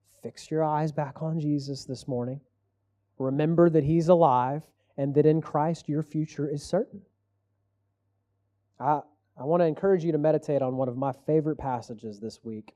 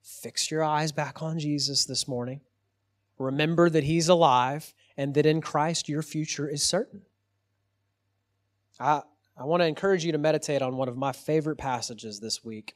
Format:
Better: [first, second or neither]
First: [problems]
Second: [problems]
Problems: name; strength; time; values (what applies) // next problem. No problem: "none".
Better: second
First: muffled; very; fading above 1.5 kHz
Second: none